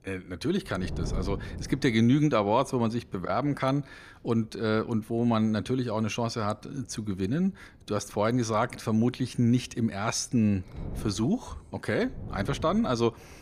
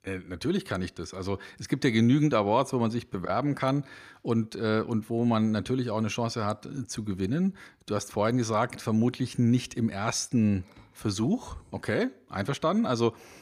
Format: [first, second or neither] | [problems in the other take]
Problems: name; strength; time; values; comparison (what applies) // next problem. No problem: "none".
second | wind noise on the microphone; occasional gusts; 20 dB below the speech